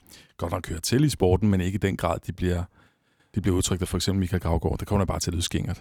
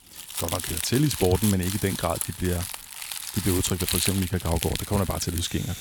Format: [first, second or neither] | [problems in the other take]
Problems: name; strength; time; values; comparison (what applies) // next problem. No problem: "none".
first | household noises; loud; throughout; 4 dB below the speech